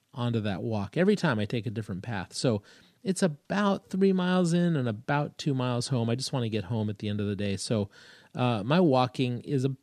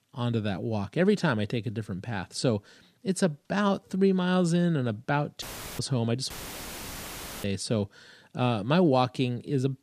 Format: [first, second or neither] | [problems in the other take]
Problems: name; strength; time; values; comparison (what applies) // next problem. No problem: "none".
first | audio cutting out; filled with static; at 5.5 s and at 6.5 s for 1 s